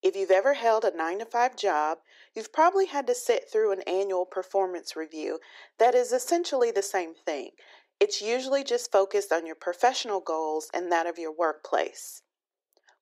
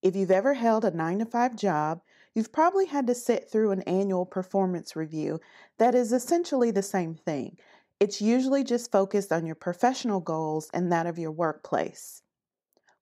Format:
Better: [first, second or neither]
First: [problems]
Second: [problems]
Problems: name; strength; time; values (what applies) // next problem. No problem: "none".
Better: second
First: thin; very; fading below 350 Hz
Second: none